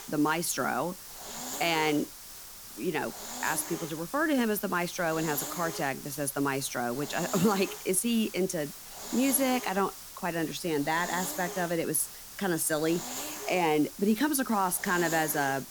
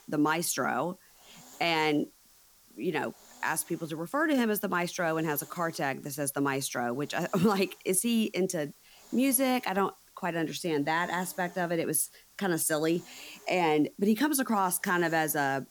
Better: second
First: hiss; loud; throughout; 10 dB below the speech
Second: hiss; faint; throughout; 25 dB below the speech

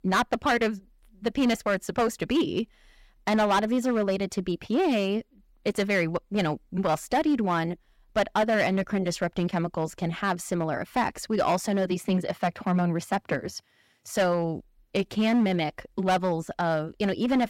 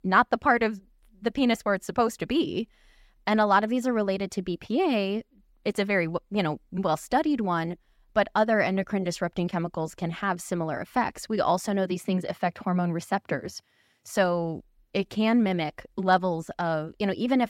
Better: second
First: distortion; slight; 6% of the sound clipped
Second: none

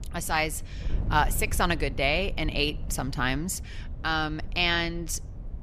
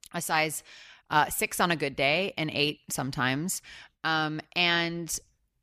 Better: second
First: wind noise on the microphone; occasional gusts; 25 dB below the speech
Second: none

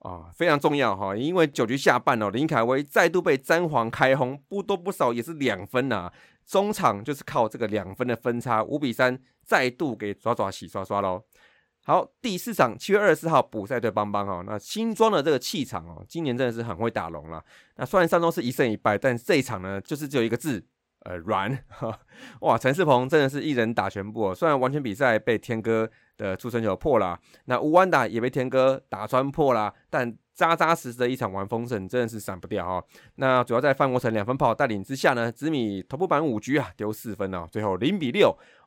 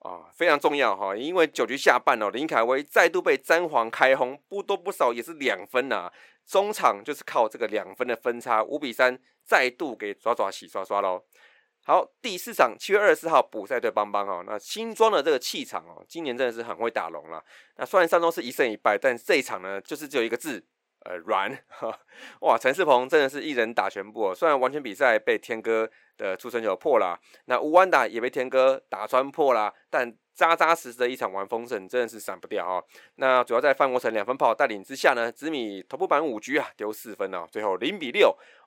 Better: first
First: none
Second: thin; somewhat; fading below 450 Hz

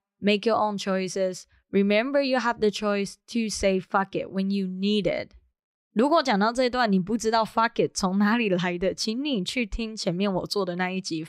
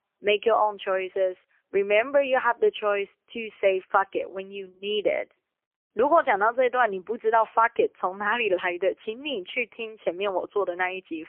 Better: first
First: none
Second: phone-call audio; poor line; nothing above 3 kHz

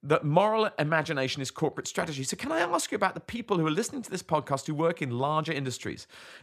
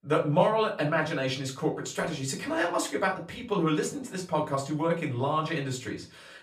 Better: first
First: none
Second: off-mic speech; far // room echo; very slight; dies away in 0.3 s

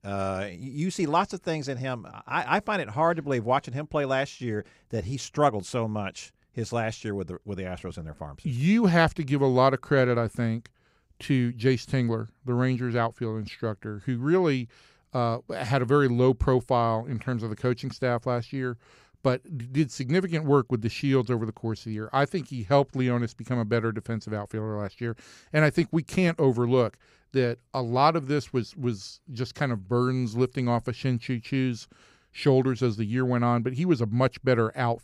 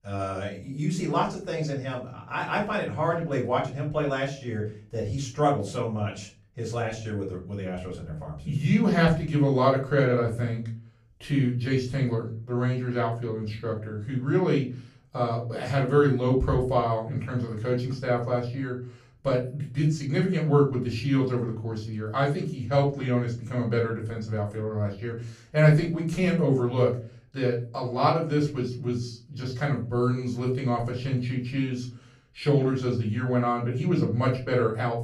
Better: first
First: none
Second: off-mic speech; far // room echo; slight; dies away in 0.4 s

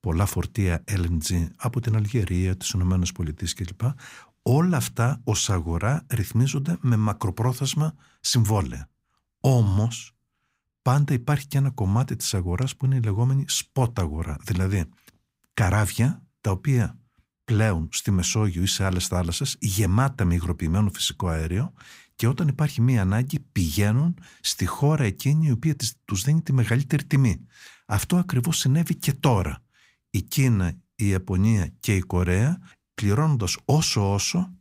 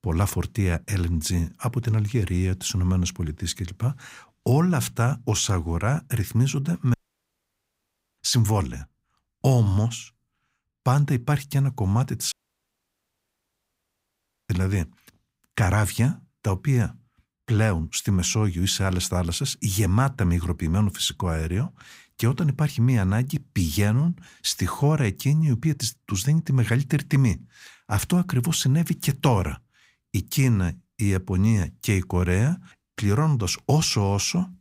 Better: first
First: none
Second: audio cutting out; at 7 s for 1 s and at 12 s for 2 s

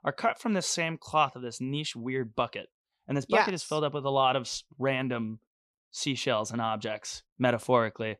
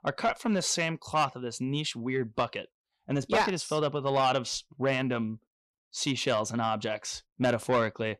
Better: first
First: none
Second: distortion; slight; 10 dB below the speech

